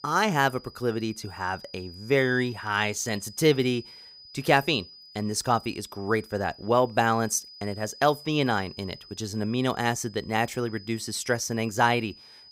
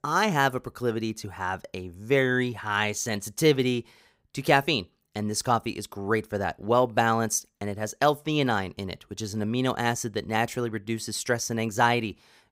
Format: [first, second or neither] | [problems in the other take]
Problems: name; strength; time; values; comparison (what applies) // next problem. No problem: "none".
second | high-pitched whine; noticeable; throughout; 5 kHz, 20 dB below the speech